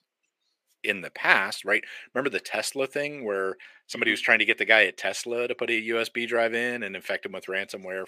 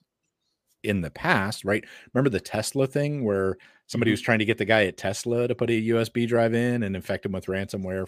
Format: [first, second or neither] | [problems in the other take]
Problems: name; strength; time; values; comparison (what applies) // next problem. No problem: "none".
second | thin; somewhat; fading below 400 Hz